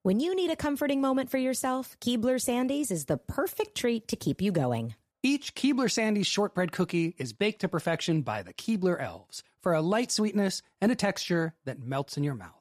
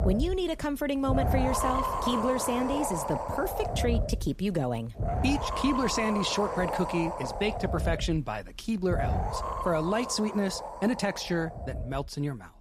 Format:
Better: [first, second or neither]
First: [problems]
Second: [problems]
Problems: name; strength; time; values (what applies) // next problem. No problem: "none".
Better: first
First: none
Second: wind noise on the microphone; heavy; 1 dB below the speech